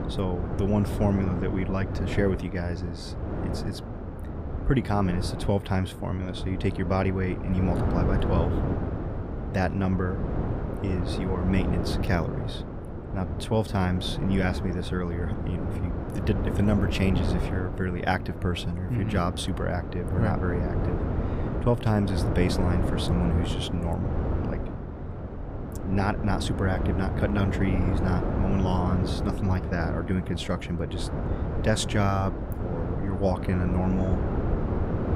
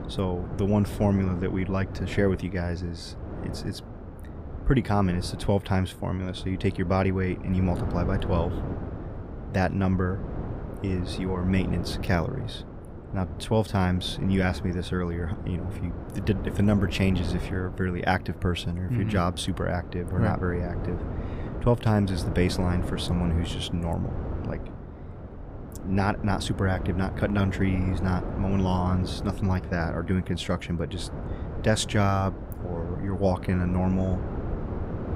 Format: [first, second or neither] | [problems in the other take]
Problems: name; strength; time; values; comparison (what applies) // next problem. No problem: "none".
second | wind noise on the microphone; heavy; 4 dB below the speech; occasional gusts in the second